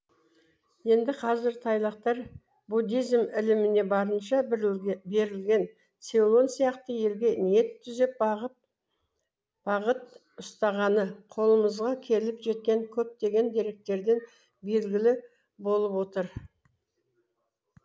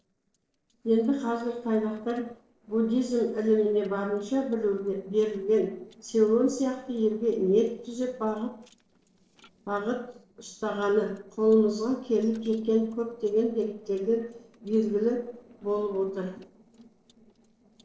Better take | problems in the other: first | noise reduction (neural separator model SepFormer DNS4)

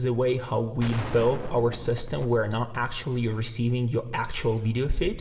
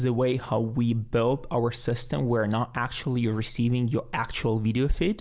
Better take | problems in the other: second | background sound (Gunshot, gunfire); 12 dB below the speech // room echo; dies away in 0.9 s

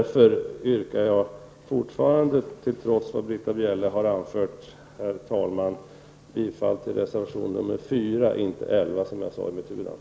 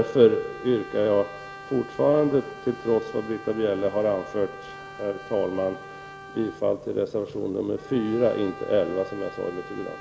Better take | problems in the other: first | background sound (Brass instrument); 16 dB below the speech

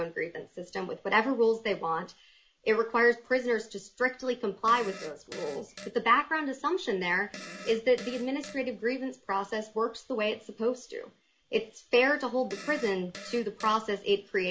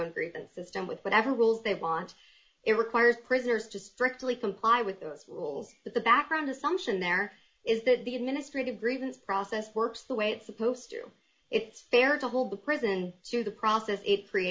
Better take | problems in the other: second | background sound (Fart); 16 dB below the speech

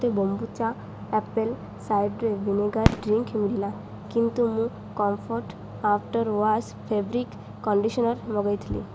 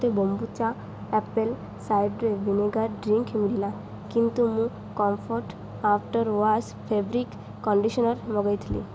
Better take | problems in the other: second | background sound (Fireworks); 3 dB below the speech

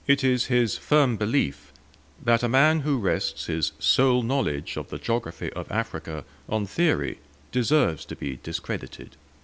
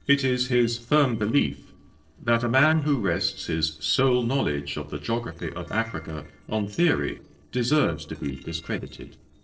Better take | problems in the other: first | noise reduction (neural separator model SepFormer DNS4)

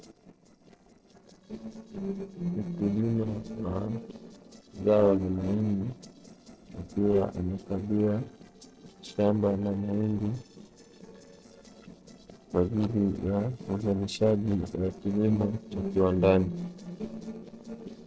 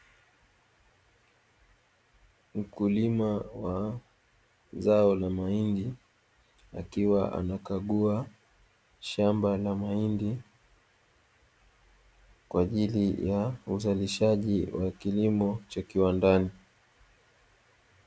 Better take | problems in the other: second | noise reduction (neural separator model SepFormer DNS4)

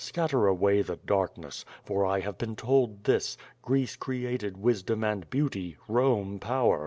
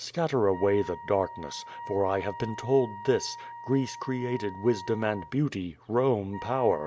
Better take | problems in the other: first | background sound (Wind instrument, woodwind instrument); 14 dB below the speech

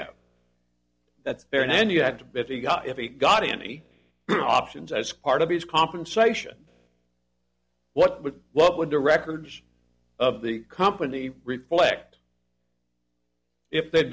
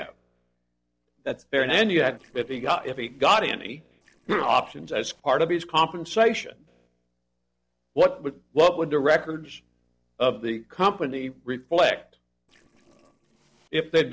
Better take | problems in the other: first | noise reduction (neural separator model SepFormer DNS4)

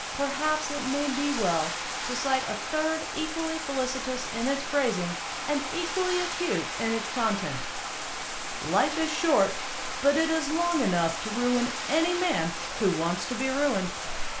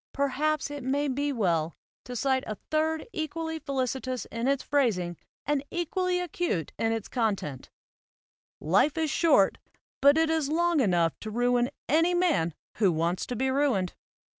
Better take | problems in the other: second | background sound (Bathtub (filling or washing)); 4 dB below the speech // room echo; dies away in 0.4 s

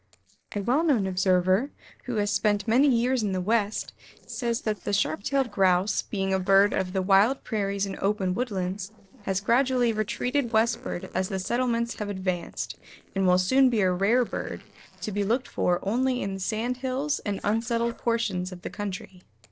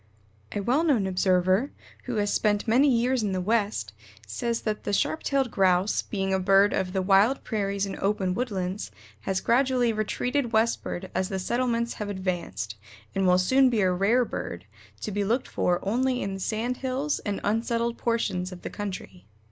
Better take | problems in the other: second | noise reduction (neural separator model SepFormer DNS4)

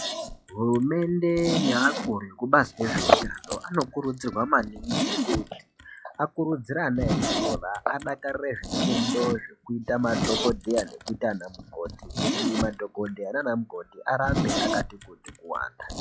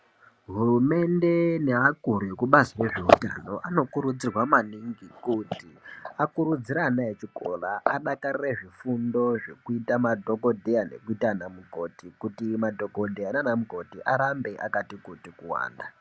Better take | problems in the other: second | noise reduction (classical method log-MMSE)

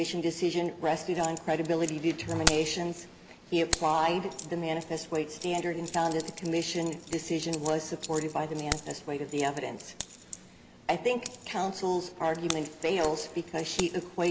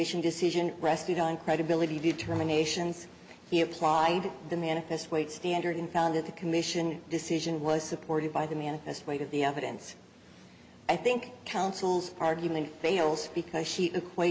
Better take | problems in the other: second | background sound (Keys jangling); 10 dB below the speech

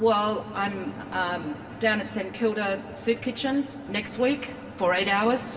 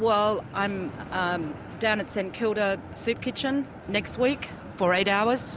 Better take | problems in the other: second | room echo; dies away in 1.8 s

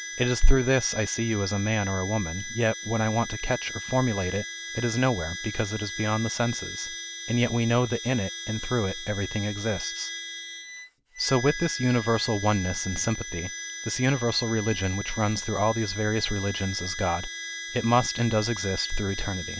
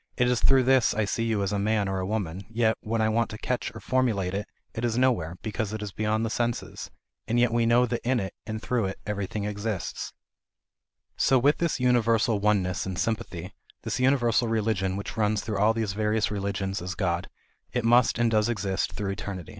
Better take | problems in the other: second | background sound (Harmonica); 10 dB below the speech

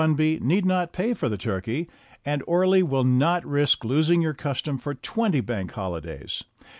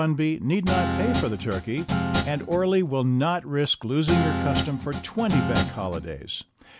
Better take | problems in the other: first | background sound (Guitar); 2 dB below the speech

